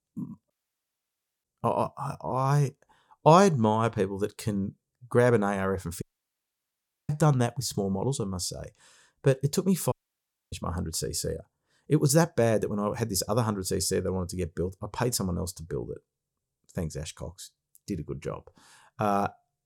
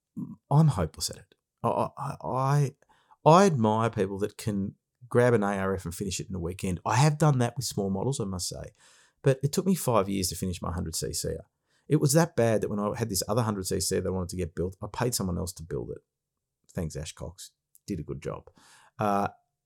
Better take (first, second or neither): second